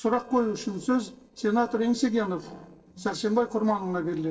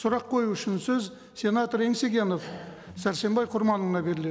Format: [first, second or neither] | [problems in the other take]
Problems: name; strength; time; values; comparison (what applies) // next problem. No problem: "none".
second | noise reduction (neural separator model SepFormer DNS4)